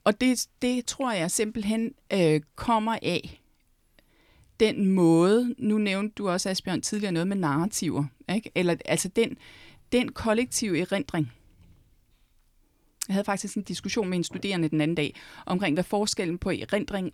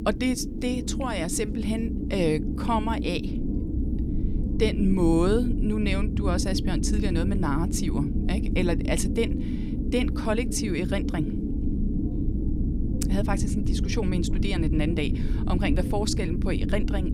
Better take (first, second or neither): first